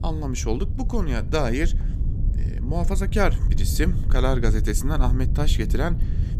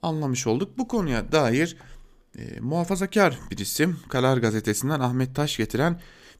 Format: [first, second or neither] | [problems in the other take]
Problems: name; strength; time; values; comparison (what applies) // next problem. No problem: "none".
second | low rumble; noticeable; throughout; 15 dB below the speech